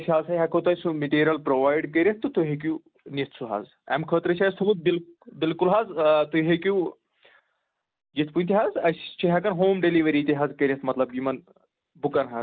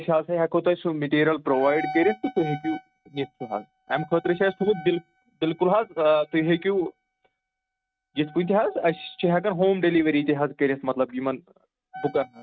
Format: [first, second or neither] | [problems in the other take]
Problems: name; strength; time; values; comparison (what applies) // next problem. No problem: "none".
first | noise reduction (neural mask model RNNoise)